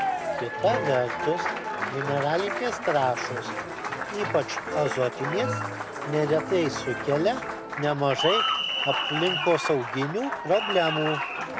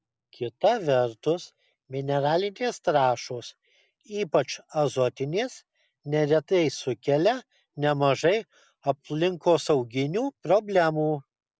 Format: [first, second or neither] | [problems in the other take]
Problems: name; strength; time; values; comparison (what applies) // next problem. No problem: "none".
second | background sound (Applause); 2 dB below the speech